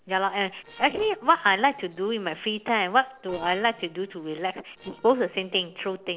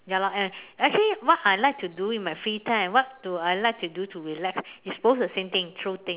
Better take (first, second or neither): second